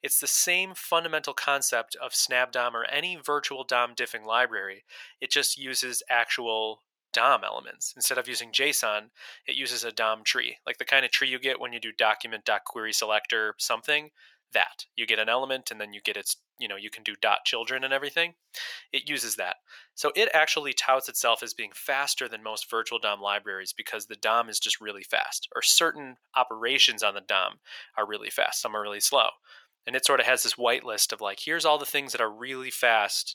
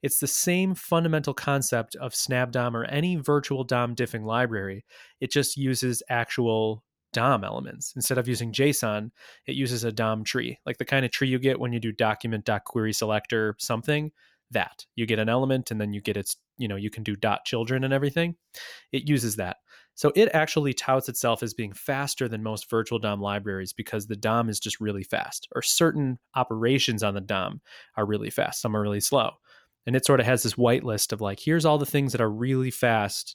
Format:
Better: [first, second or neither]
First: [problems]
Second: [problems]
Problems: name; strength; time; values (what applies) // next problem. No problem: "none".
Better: second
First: thin; very; fading below 750 Hz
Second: none